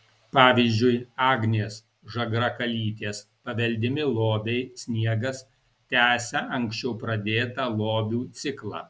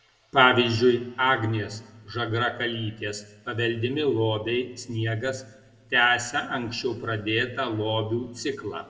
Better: first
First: none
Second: room echo; dies away in 0.9 s

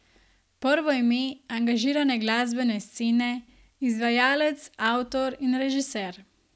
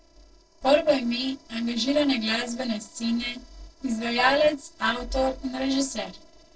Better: first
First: none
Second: noise reduction (neural separator model SepFormer DNS4)

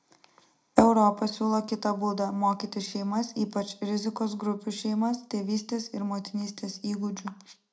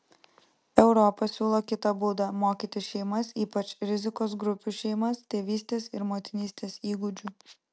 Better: second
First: room echo; dies away in 0.2 s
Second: none

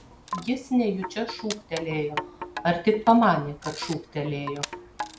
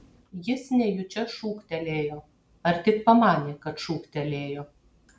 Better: second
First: background sound (Wind chime + Camera); 12 dB below the speech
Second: none

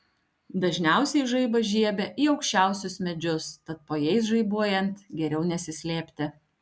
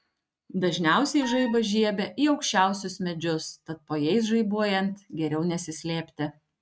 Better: first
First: none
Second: noise reduction (neural mask model RNNoise)

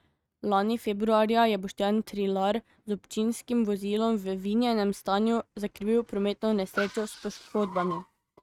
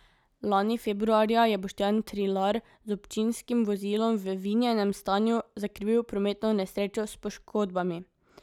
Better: second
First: noise reduction (neural mask model RNNoise)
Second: none

